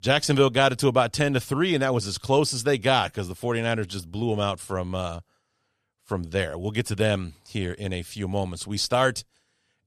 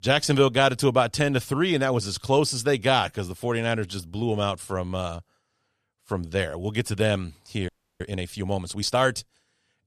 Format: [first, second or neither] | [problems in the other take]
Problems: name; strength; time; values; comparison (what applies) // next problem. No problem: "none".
first | audio freezing; at 7.5 s